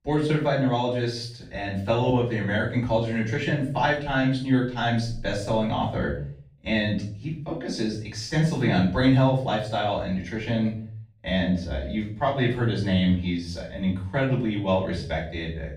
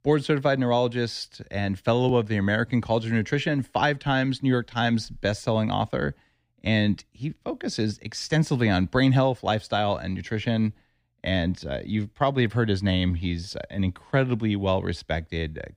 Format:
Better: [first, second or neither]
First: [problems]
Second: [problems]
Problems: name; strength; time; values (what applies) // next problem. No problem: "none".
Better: second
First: room echo; noticeable; dies away in 0.5 s // off-mic speech; far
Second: none